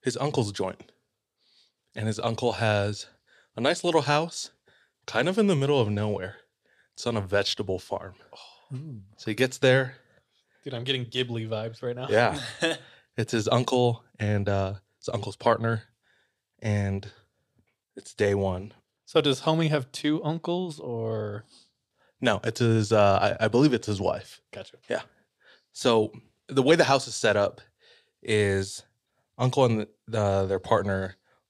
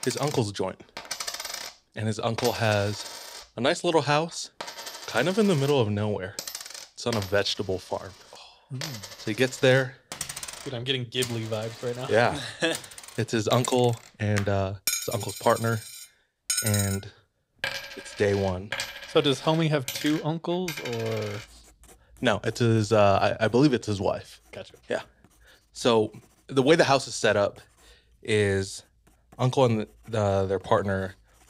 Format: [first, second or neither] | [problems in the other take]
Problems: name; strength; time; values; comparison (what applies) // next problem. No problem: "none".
first | household noises; loud; throughout; 9 dB below the speech